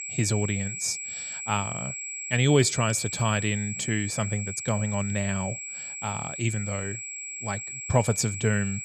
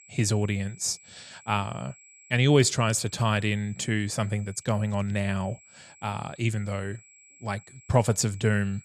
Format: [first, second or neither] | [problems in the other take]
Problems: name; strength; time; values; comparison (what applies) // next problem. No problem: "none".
second | high-pitched whine; loud; throughout; 7.5 kHz, 6 dB below the speech; faint in the second